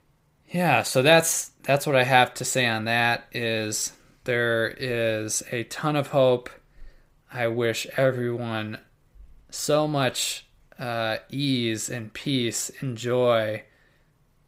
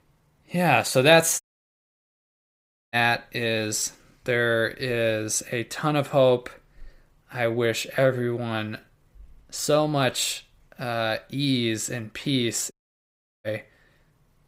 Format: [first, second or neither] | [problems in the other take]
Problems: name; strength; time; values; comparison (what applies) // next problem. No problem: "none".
first | audio cutting out; at 1.5 s for 1.5 s and at 13 s for 0.5 s